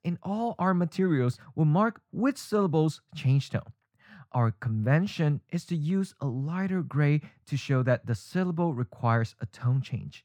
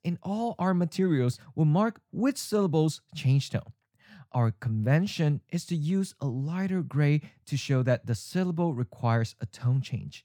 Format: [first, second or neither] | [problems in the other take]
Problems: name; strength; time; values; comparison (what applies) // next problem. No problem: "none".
second | muffled; very slightly; fading above 3.5 kHz